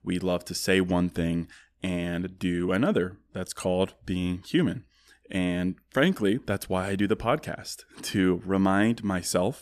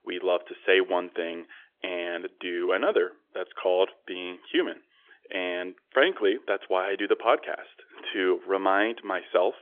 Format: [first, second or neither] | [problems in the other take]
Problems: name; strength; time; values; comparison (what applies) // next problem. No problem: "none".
first | phone-call audio; nothing above 3.5 kHz